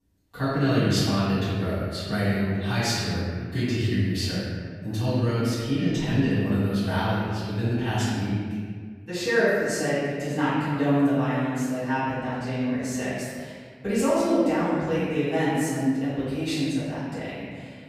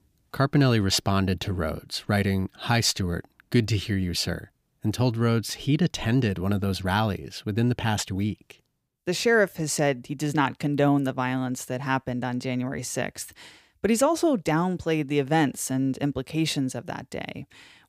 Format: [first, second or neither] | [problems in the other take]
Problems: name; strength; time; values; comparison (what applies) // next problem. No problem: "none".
second | room echo; strong; dies away in 1.7 s // off-mic speech; far